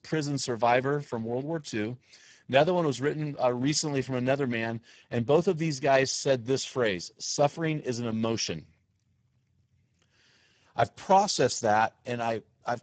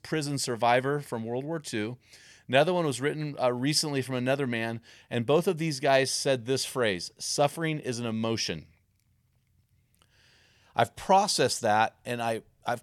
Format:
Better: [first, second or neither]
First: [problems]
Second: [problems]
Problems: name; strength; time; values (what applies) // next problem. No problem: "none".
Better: second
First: garbled, watery; badly; nothing above 7.5 kHz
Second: none